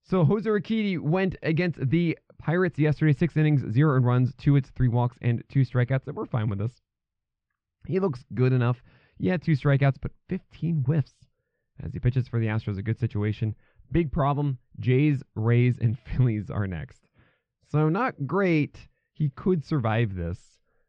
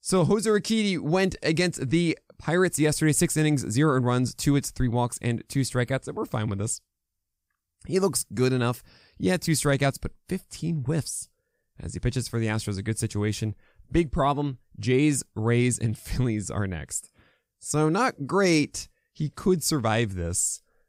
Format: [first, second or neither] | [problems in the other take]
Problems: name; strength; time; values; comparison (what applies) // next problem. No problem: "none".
second | muffled; very; fading above 3 kHz